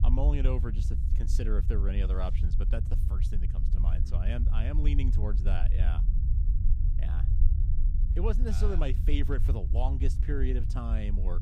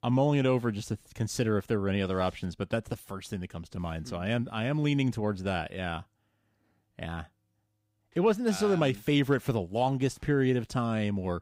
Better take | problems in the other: second | low rumble; loud; throughout; 8 dB below the speech

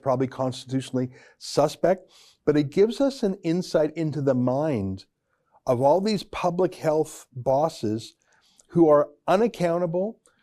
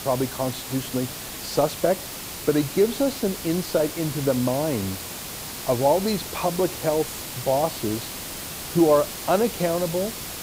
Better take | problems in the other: first | hiss; loud; throughout; 7 dB below the speech

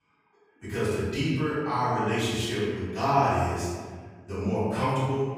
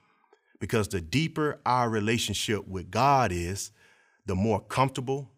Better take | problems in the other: second | off-mic speech; far // room echo; strong; dies away in 1.5 s

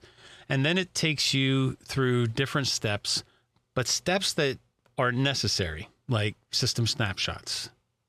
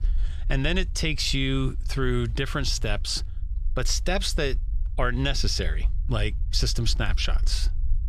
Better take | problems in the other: first | low rumble; faint; throughout; 25 dB below the speech

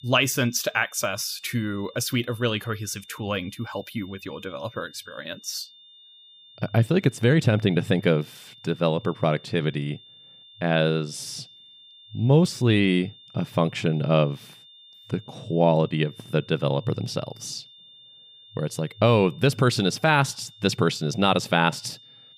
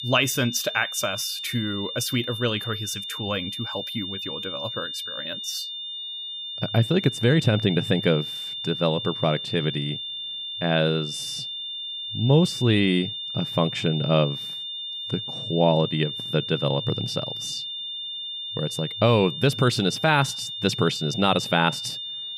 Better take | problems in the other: first | high-pitched whine; loud; throughout; 3.5 kHz, 6 dB below the speech; faint in the first

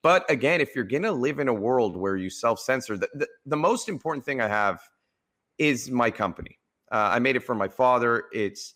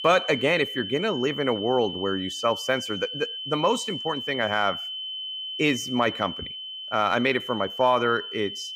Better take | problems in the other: first | high-pitched whine; loud; throughout; 3 kHz, 7 dB below the speech

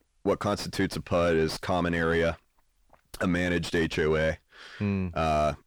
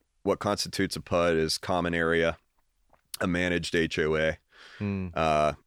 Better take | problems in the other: second | distortion; slight; 10 dB below the speech

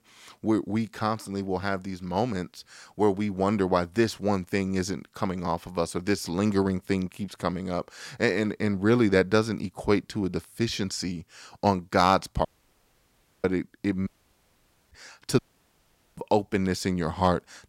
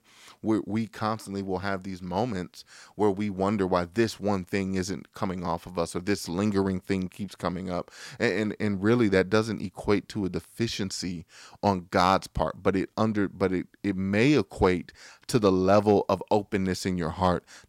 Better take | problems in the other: second | audio cutting out; at 12 s for 1 s, at 14 s for 1 s and at 15 s for 1 s

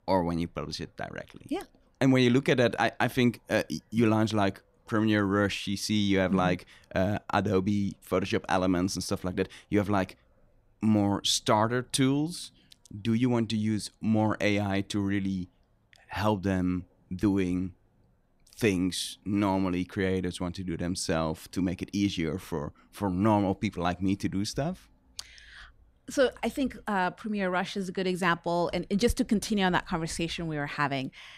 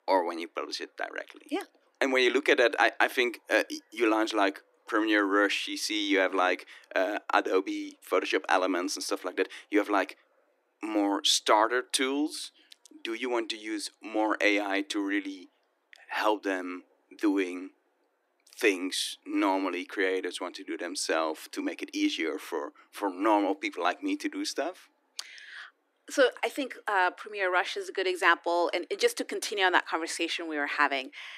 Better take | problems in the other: first | thin; somewhat; fading below 300 Hz

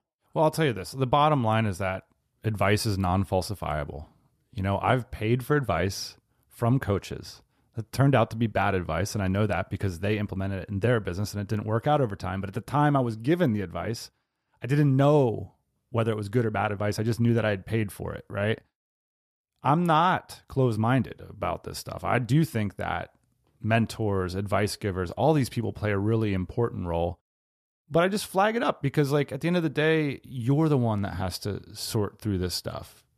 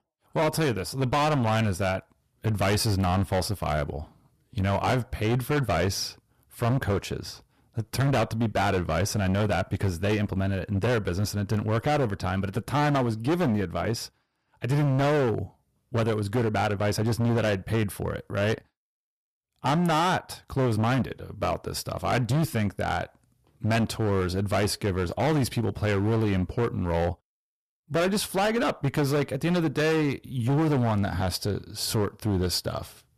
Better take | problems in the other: first | distortion; heavy; 15% of the sound clipped

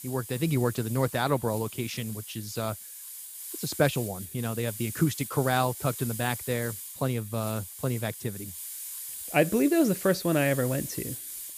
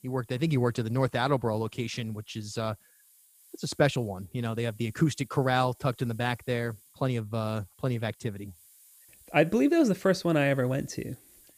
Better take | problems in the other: second | hiss; loud; throughout; 9 dB below the speech; faint in the second

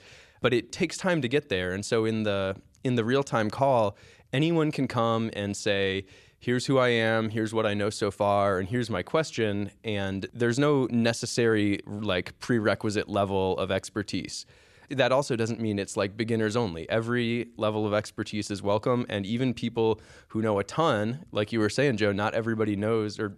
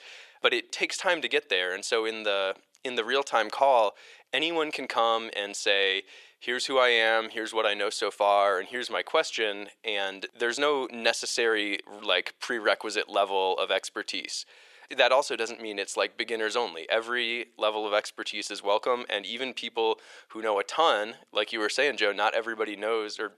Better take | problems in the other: first | thin; very; fading below 450 Hz

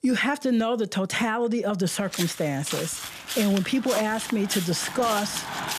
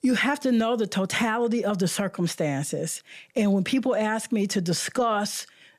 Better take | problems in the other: second | footsteps; noticeable; from 2 s on; peak 4 dB below the speech

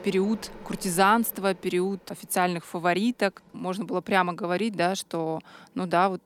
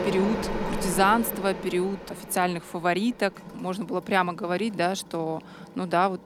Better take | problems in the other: first | machinery noise; loud; throughout; 9 dB below the speech; faint in the first

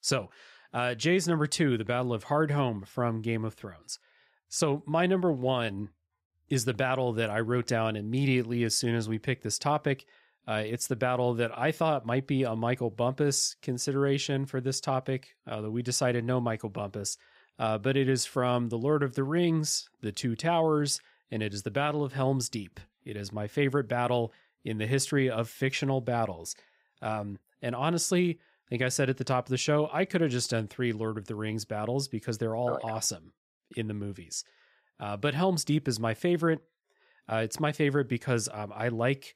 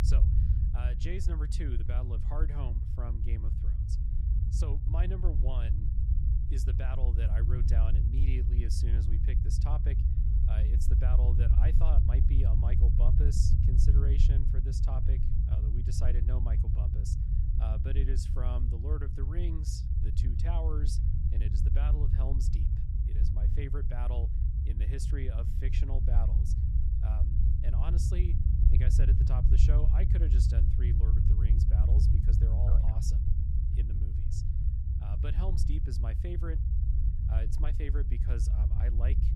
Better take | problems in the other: first | low rumble; loud; throughout; as loud as the speech

